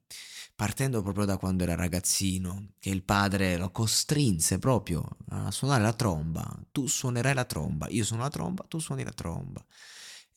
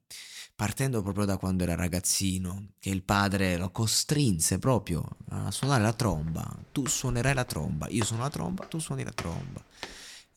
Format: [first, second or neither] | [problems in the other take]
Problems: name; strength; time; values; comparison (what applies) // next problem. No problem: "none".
first | footsteps; faint; from 5.5 s on; peak 10 dB below the speech